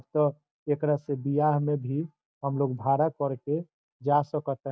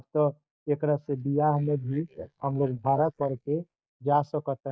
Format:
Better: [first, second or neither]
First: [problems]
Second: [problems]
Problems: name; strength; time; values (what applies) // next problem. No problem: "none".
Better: first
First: none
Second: noise reduction (neural mask model Resemble Enhance denoiser)